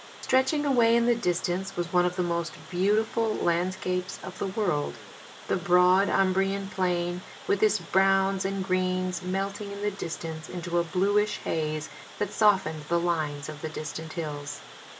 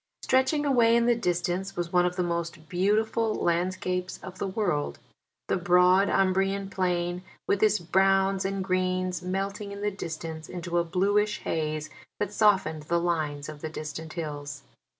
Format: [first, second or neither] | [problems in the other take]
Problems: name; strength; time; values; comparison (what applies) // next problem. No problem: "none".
second | background sound (Water); 18 dB below the speech